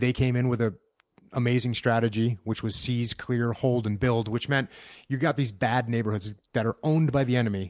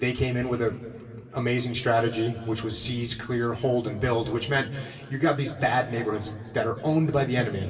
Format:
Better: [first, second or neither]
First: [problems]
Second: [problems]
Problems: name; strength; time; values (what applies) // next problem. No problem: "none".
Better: first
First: none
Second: room echo; dies away in 2.3 s